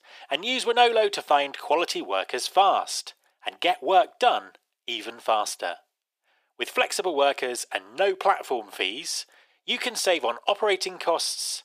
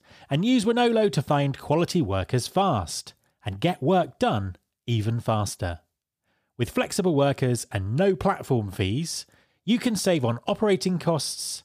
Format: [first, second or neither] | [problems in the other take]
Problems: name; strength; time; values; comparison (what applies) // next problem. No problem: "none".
second | thin; very; fading below 400 Hz